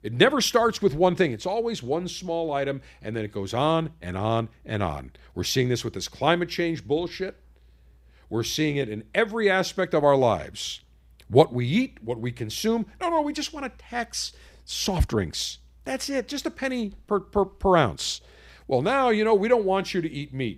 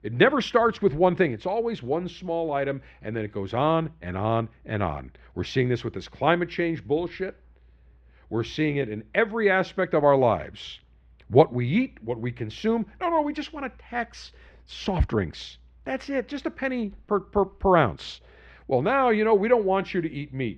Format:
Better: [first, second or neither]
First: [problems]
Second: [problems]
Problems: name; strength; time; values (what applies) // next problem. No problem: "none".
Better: first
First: none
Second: muffled; slightly; fading above 2 kHz